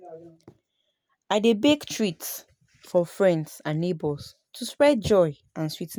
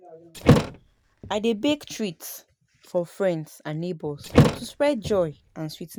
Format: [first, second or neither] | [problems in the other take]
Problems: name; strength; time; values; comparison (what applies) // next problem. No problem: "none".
first | background sound (Thump, thud); 4 dB above the speech